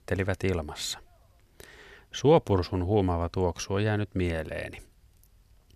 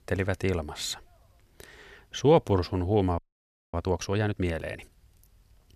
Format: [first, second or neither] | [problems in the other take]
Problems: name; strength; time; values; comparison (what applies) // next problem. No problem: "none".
first | audio freezing; at 3 s for 0.5 s